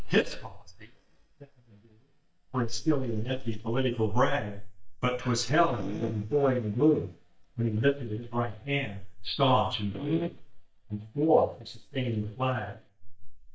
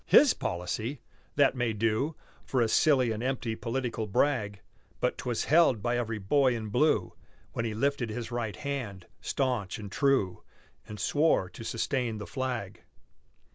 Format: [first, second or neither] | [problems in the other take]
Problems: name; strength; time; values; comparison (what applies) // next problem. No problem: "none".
second | noise reduction (neural mask model DeepFilterNet 3)